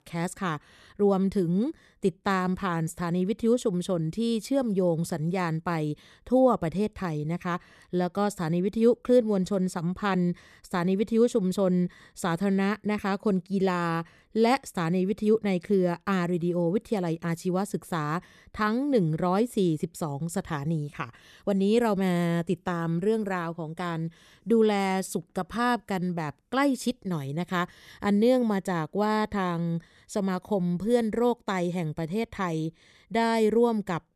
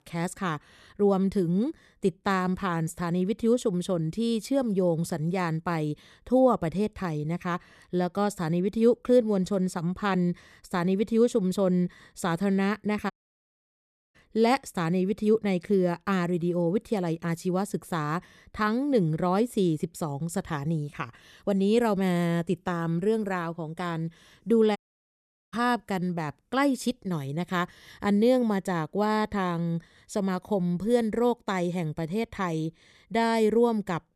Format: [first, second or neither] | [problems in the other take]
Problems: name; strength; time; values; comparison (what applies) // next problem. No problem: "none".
first | audio cutting out; at 13 s for 1 s and at 25 s for 1 s